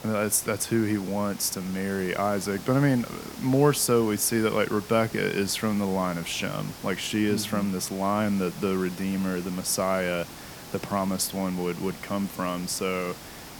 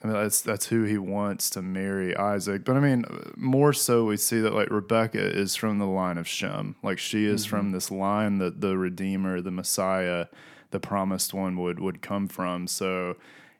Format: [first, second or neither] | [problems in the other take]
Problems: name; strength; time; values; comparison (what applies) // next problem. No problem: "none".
second | hiss; noticeable; throughout; 15 dB below the speech